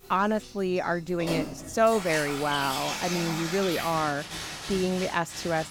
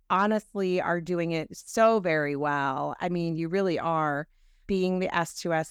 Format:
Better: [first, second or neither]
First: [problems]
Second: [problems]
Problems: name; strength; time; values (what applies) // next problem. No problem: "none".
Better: second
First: household noises; loud; throughout; 6 dB below the speech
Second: none